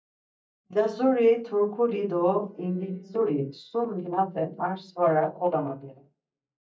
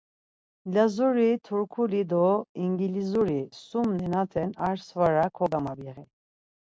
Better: second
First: noise reduction (neural mask model DeepFilterNet 3)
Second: none

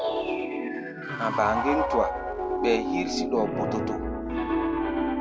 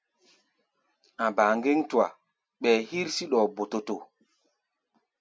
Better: second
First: background sound (Piano); 3 dB above the speech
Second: none

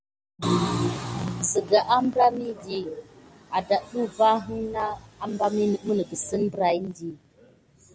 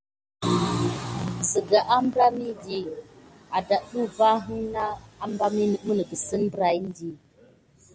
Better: second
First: background sound (Brass instrument); 16 dB below the speech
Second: none

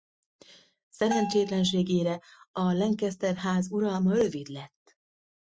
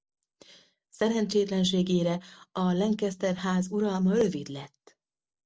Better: second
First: noise reduction (classical method Wiener filter)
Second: none

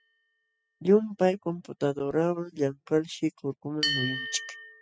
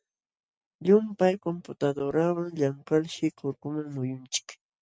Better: second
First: noise reduction (classical method spectral subtraction)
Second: none

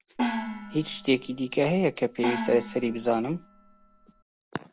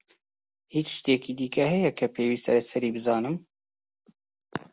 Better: second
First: background sound (Gong); 6 dB below the speech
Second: none

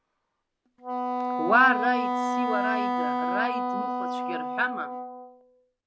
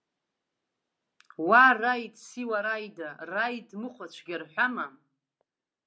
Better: second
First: background sound (Wind instrument, woodwind instrument); as loud as the speech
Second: none

